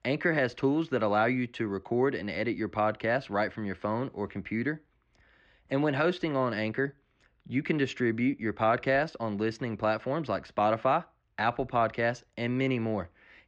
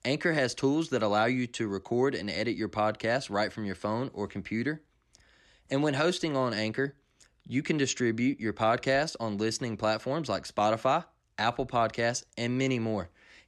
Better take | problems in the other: second | muffled; slightly; fading above 2.5 kHz

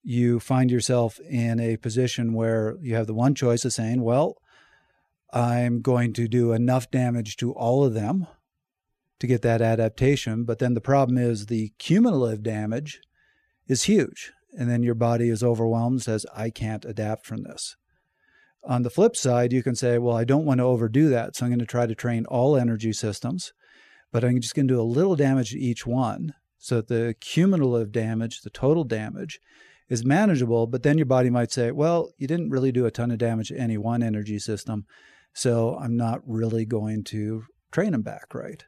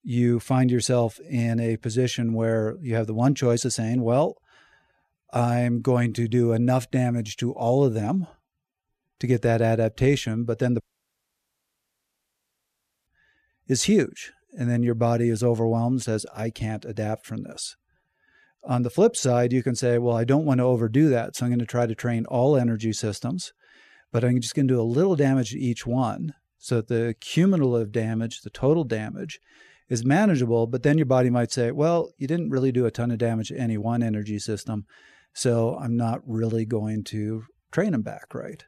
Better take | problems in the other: first | audio cutting out; at 11 s for 2.5 s

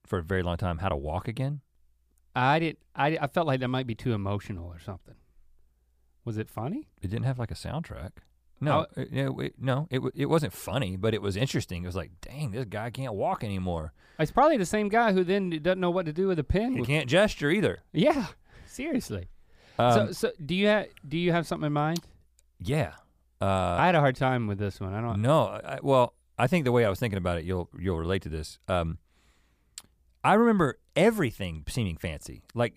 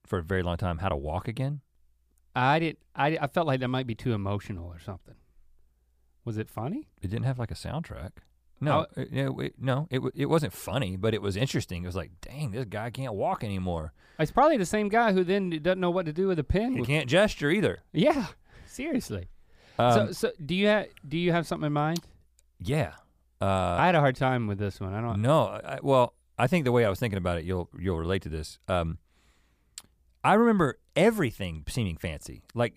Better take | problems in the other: neither | none

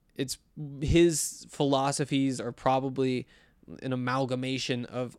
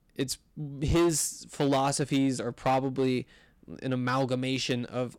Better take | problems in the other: first | distortion; slight; 6% of the sound clipped

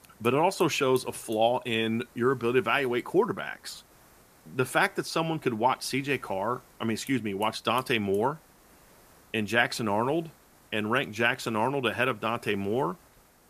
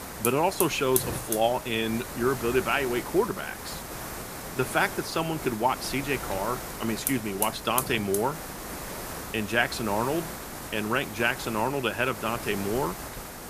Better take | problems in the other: first | hiss; loud; throughout; 7 dB below the speech; faint in the first

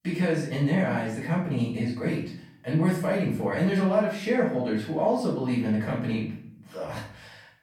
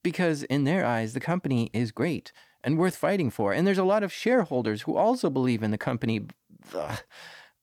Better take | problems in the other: second | off-mic speech; far // room echo; noticeable; dies away in 0.5 s

